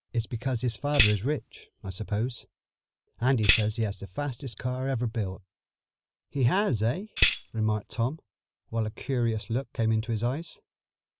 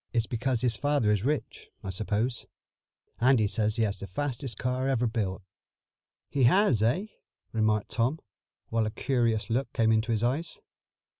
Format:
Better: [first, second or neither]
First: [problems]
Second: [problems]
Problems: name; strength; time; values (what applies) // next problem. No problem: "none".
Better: second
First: background sound (Tambourine); as loud as the speech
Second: none